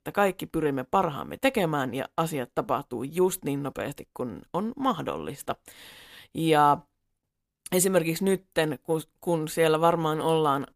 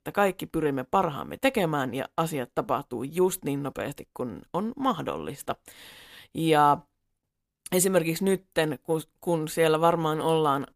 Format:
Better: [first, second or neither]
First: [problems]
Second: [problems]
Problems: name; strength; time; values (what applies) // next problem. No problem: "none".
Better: neither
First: none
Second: none